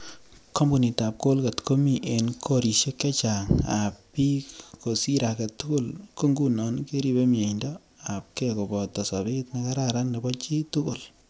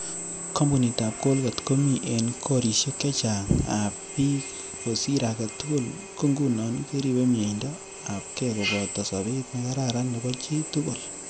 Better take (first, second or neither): first